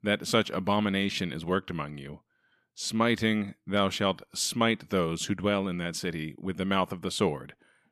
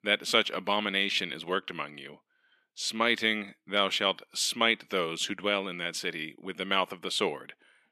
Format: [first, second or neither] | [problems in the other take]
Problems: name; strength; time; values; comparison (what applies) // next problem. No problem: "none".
first | thin; somewhat; fading below 300 Hz